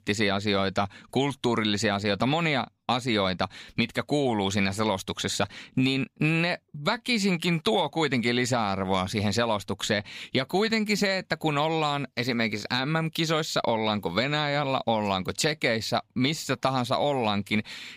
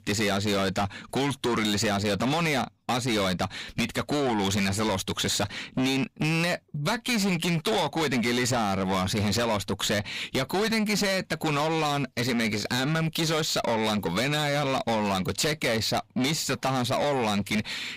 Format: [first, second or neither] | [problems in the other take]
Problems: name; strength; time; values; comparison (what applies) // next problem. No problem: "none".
first | distortion; heavy; 6 dB below the speech